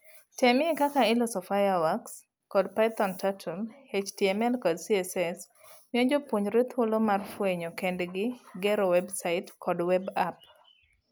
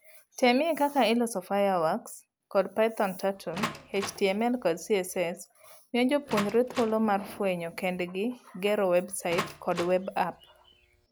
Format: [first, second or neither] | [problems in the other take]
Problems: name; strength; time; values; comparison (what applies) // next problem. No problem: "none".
first | background sound (Door); 13 dB below the speech